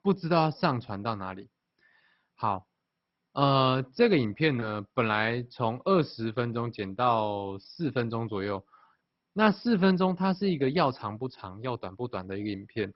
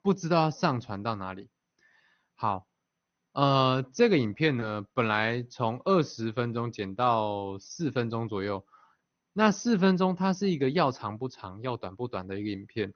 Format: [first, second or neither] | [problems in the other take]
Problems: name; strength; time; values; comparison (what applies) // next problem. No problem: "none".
second | garbled, watery; badly; nothing above 5.5 kHz; slightly in the second